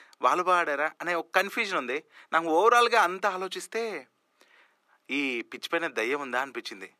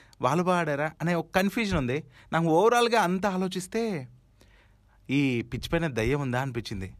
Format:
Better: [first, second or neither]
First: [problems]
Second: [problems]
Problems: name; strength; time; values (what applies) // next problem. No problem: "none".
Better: second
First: thin; somewhat; fading below 300 Hz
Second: none